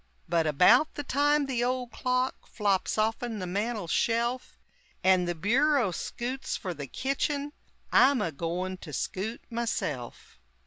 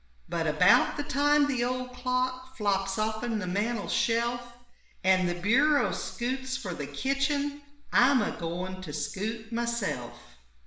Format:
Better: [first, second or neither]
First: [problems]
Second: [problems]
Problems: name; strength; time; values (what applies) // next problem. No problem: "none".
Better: first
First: none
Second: room echo; dies away in 0.7 s